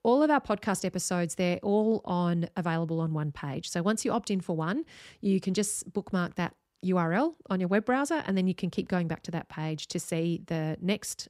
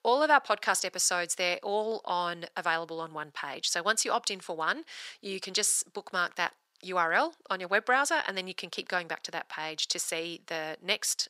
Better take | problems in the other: first | thin; very; fading below 750 Hz

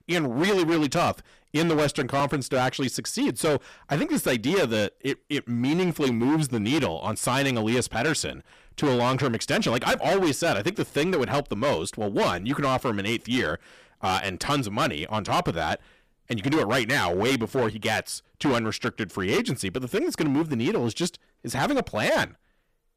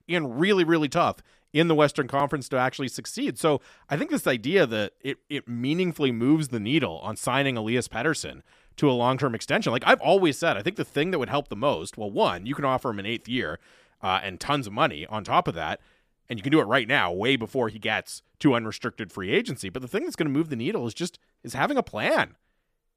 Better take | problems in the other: second | distortion; heavy; 15% of the sound clipped

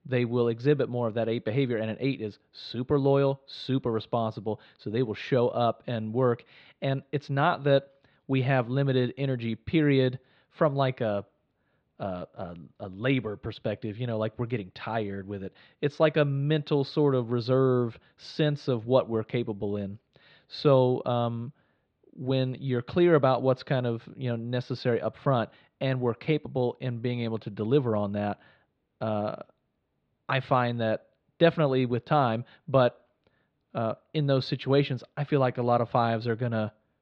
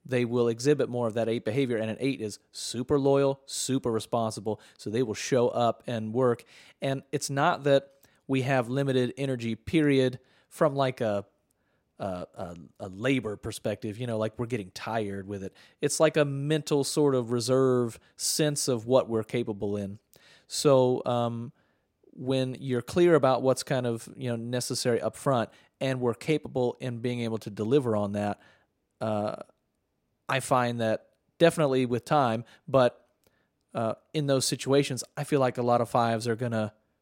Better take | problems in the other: second | muffled; slightly; fading above 4 kHz

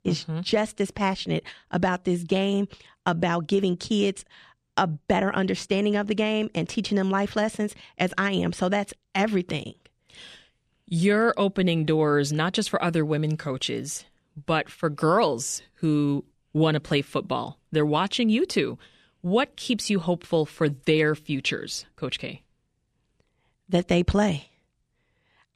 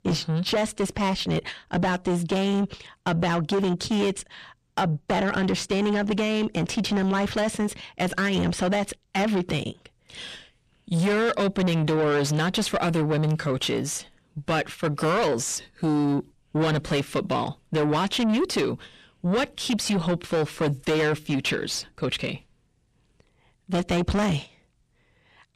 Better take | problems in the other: first | distortion; heavy; 7 dB below the speech

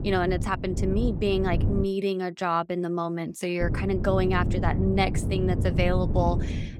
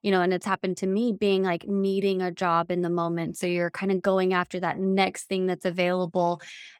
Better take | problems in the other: second | wind noise on the microphone; occasional gusts; until 2 s and from 3.5 s on; 10 dB below the speech

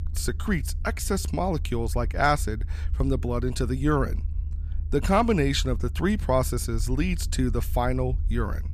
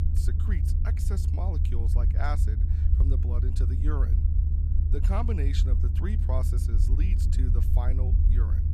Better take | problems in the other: first | low rumble; loud; throughout; 3 dB below the speech; faint in the first

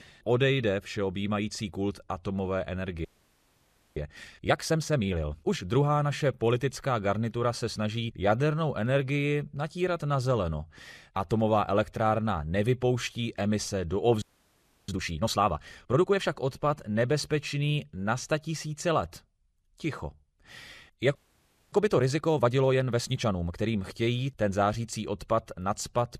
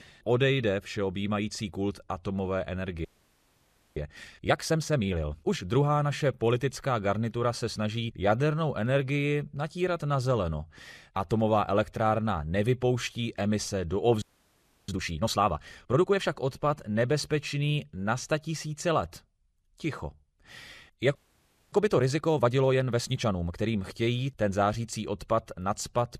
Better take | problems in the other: neither | audio freezing; at 3 s for 1 s, at 14 s for 0.5 s and at 21 s for 0.5 s; the same in both

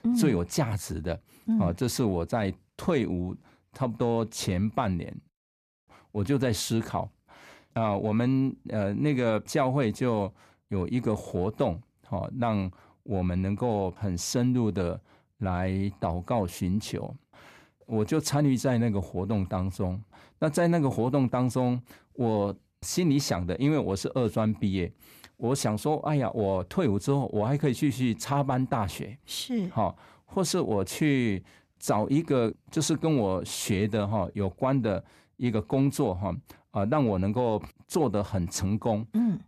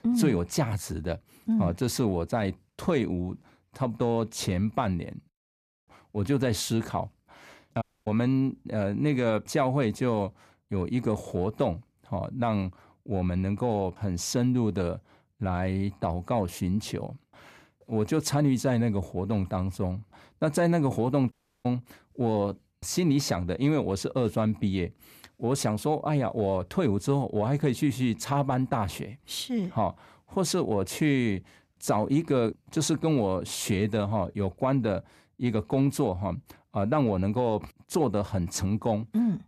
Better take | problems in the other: first | audio cutting out; at 8 s and at 21 s

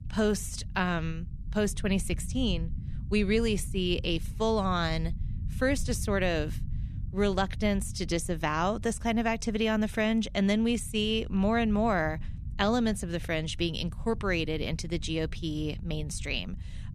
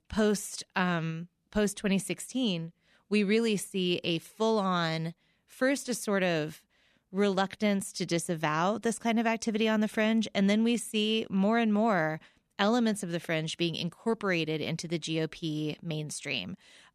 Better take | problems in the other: second | low rumble; faint; throughout; 25 dB below the speech

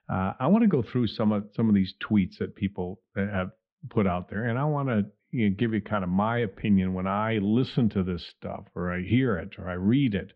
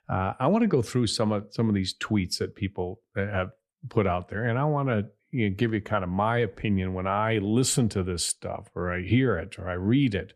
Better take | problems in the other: second | muffled; slightly; fading above 3.5 kHz

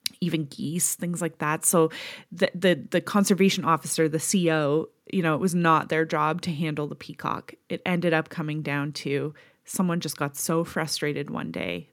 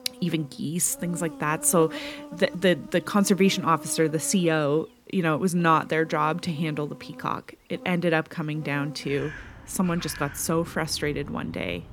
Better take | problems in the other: first | animal sounds; noticeable; throughout; 15 dB below the speech

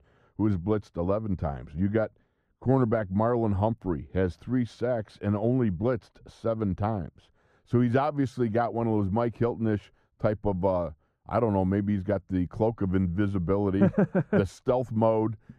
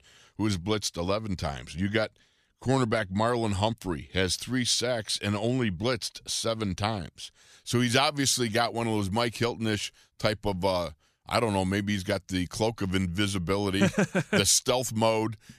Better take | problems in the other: second | muffled; very; fading above 2 kHz

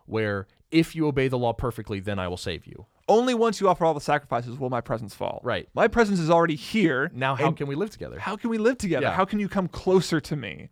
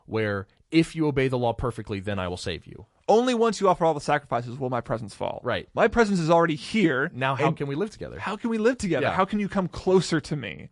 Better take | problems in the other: first | garbled, watery; slightly

